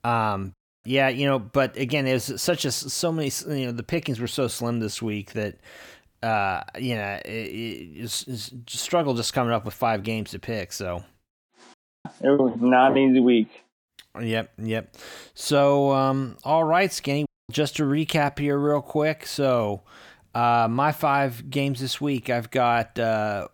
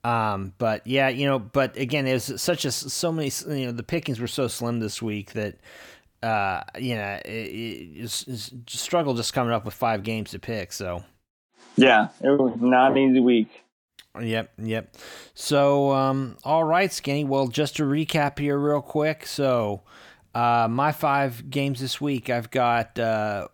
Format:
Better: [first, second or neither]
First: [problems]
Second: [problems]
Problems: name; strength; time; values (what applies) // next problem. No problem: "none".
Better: second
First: audio cutting out; at 0.5 s, at 12 s and at 17 s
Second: none